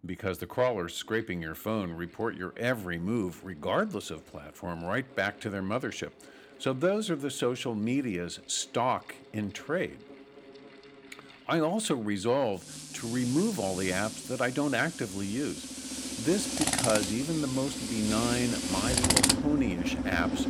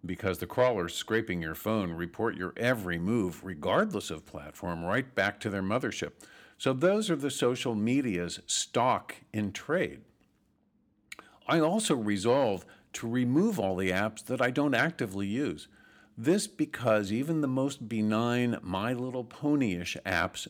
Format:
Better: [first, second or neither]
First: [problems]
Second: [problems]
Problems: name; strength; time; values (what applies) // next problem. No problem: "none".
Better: second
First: machinery noise; very loud; throughout; as loud as the speech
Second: none